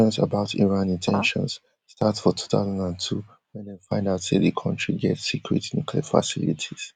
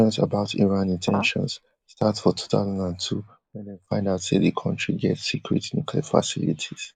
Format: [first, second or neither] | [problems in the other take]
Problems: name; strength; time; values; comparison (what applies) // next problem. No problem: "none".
first | noise reduction (neural mask model Resemble Enhance denoiser)